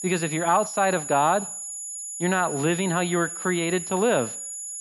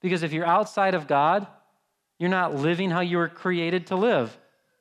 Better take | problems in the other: second | high-pitched whine; loud; throughout; 7 kHz, 7 dB below the speech

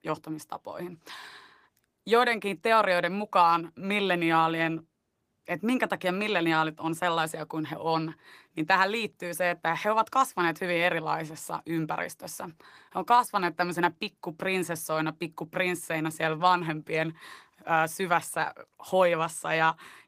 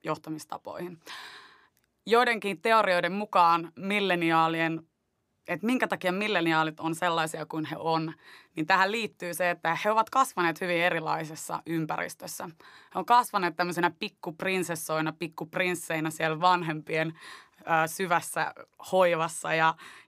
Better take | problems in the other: second | garbled, watery; slightly; nothing above 15 kHz

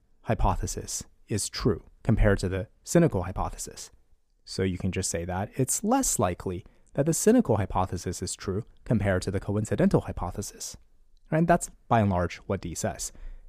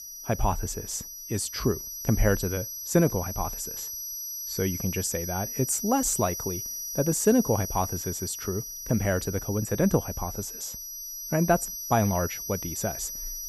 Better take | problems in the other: first | high-pitched whine; loud; throughout; 6 kHz, 6 dB below the speech

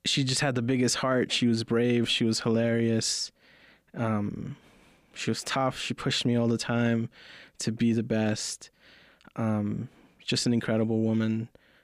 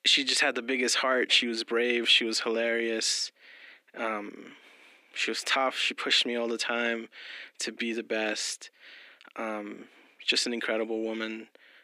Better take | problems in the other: first | thin; somewhat; fading below 300 Hz

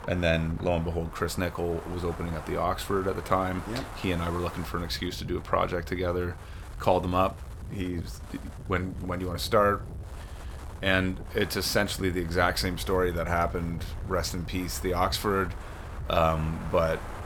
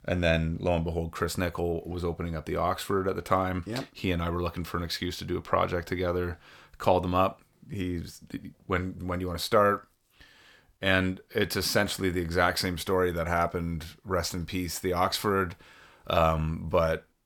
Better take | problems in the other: second | wind noise on the microphone; occasional gusts; 15 dB below the speech

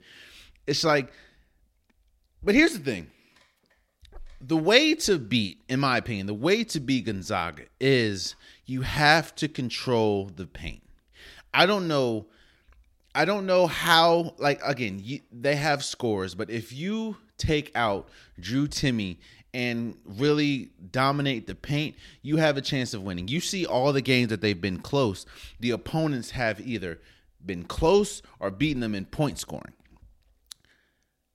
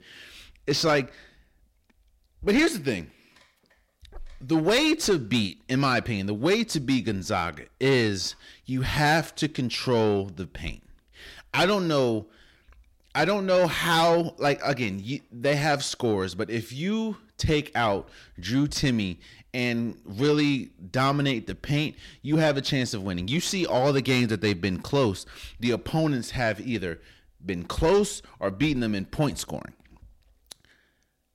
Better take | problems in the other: first | distortion; slight; 10 dB below the speech

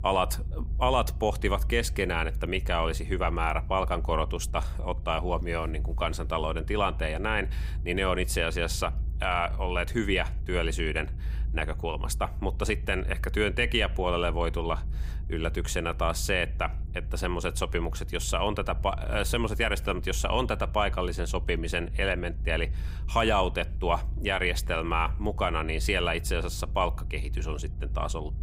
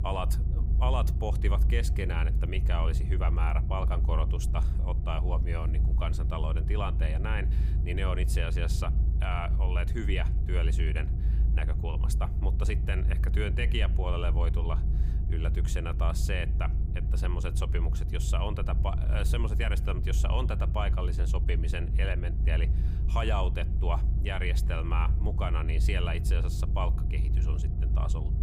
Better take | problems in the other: first | low rumble; loud; throughout; 9 dB below the speech; faint in the first

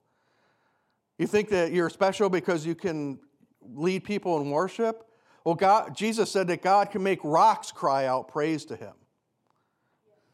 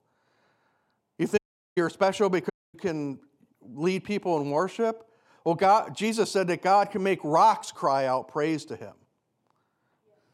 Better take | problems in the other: first | audio cutting out; at 1.5 s and at 2.5 s

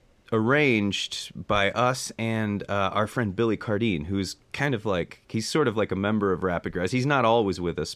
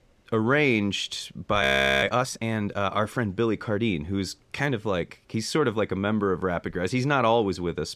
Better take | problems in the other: first | audio freezing; at 1.5 s

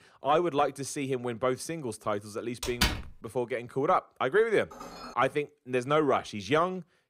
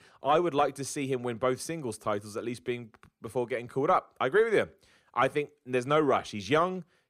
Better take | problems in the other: second | door banging; loud; at 2.5 s; peak 1 dB above the speech // clattering dishes; faint; at 4.5 s; peak 15 dB below the speech

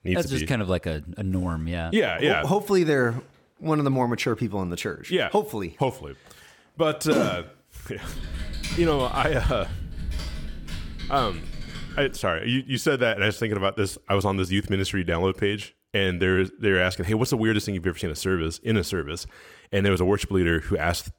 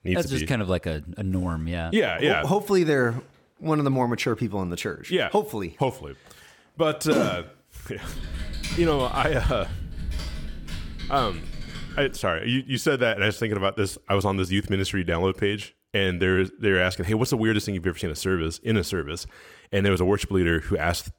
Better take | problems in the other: neither | keyboard typing; noticeable; from 8 to 12 s; peak 7 dB below the speech; the same in both

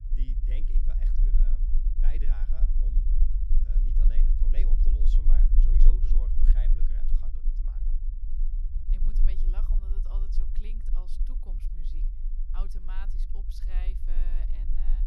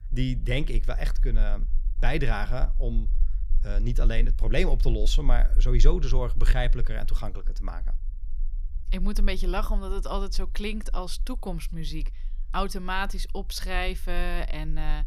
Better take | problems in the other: second | low rumble; loud; throughout; 1 dB below the speech; faint in the second

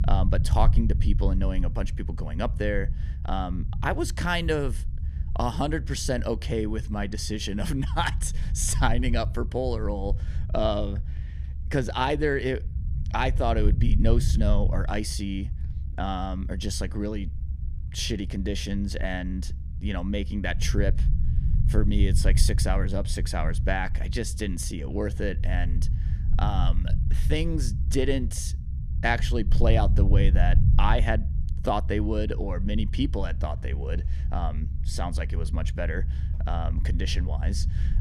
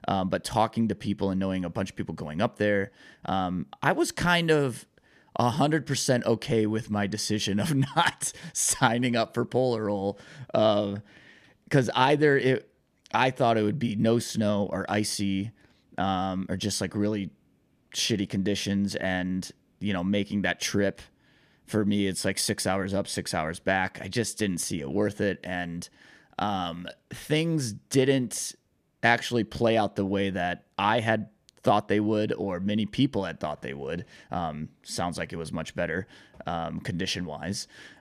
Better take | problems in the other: second | low rumble; noticeable; throughout; 15 dB below the speech

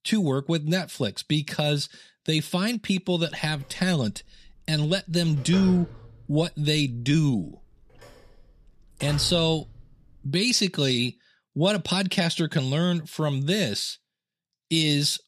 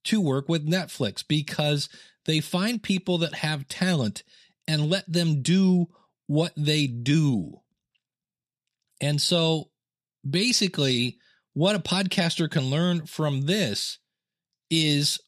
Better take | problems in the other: second | phone ringing; faint; from 3.5 to 10 s; peak 10 dB below the speech

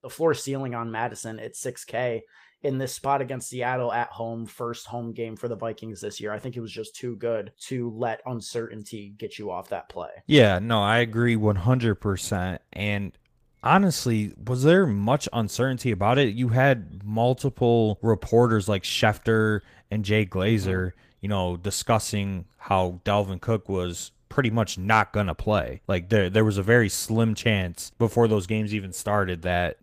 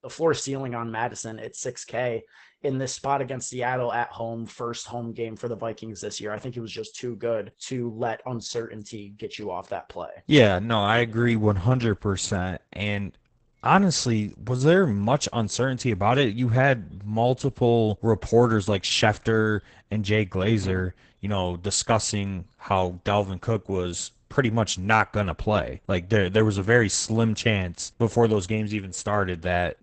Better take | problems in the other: first | garbled, watery; badly; nothing above 8 kHz; slightly in the first

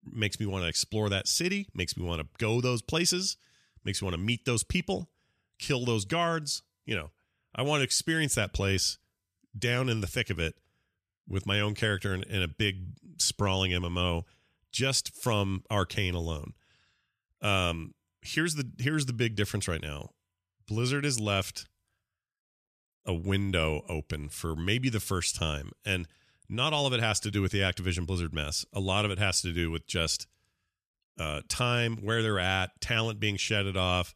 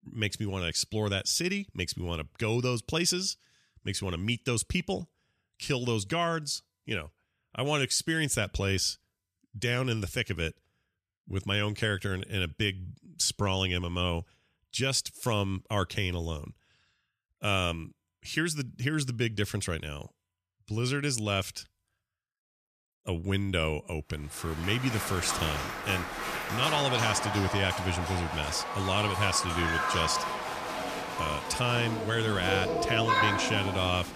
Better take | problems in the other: first | crowd noise; loud; from 25 s on; 2 dB below the speech

